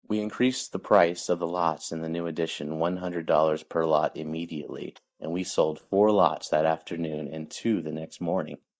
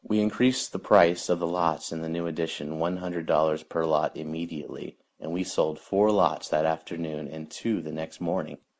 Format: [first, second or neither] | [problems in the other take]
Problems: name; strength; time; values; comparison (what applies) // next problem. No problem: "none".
second | noise reduction (neural mask model DeepFilterNet 3)